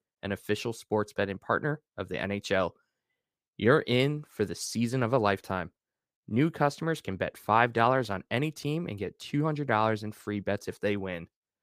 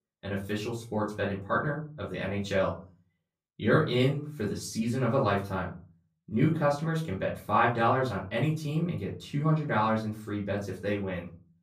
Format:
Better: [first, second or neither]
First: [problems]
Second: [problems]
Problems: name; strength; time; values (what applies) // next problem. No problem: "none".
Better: first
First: none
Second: off-mic speech; far // room echo; slight; dies away in 0.4 s